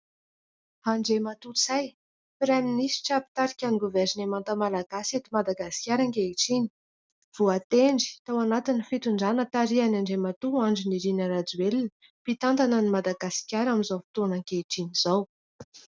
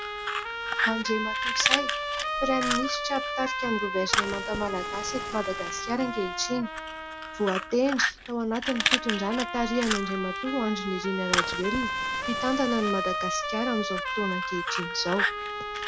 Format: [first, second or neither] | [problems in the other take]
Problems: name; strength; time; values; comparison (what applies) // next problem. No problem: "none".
first | background sound (Trumpet + Fire); as loud as the speech